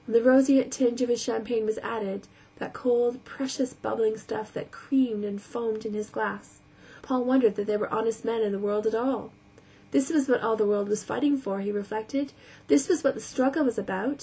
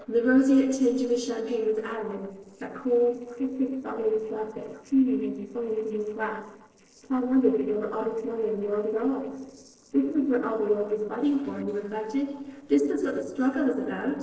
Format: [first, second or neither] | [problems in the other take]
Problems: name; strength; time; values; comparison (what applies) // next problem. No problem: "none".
first | noise reduction (neural separator model SepFormer DNS4)